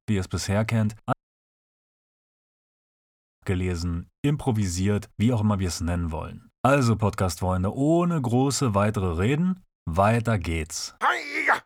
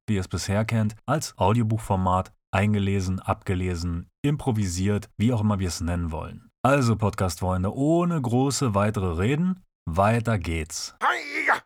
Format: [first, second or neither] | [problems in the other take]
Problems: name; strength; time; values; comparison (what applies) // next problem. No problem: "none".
second | audio cutting out; at 1 s for 2.5 s